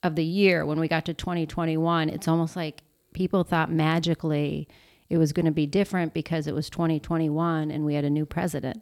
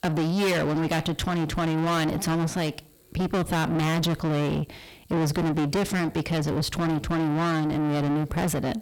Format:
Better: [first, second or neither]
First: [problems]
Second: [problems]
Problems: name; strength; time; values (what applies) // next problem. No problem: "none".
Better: first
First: none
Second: distortion; heavy; 5 dB below the speech